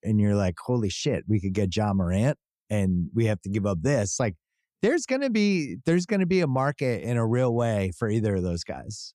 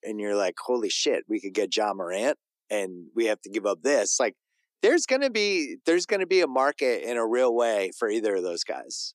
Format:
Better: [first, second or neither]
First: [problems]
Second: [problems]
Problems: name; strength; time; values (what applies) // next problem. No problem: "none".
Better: first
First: none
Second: thin; very; fading below 300 Hz